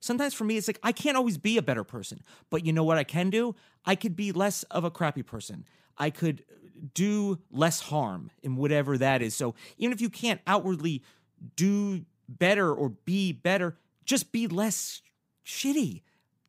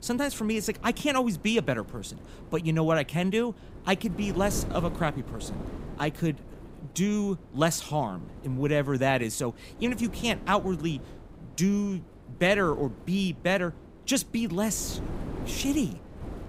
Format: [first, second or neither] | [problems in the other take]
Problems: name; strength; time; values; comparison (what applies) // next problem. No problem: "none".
first | wind noise on the microphone; occasional gusts; 20 dB below the speech